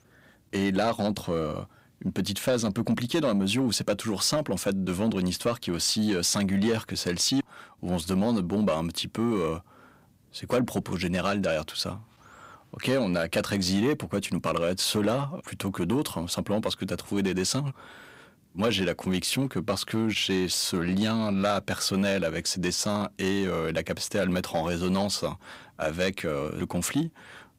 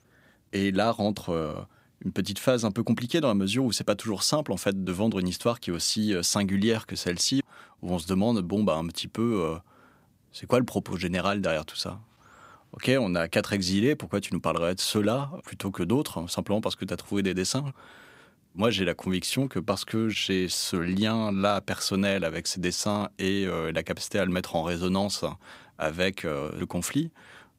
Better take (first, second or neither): second